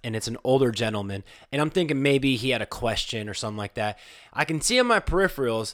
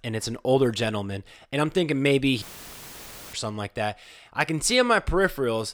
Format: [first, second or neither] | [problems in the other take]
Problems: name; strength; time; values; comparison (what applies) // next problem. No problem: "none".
first | audio cutting out; filled with static; at 2.5 s for 1 s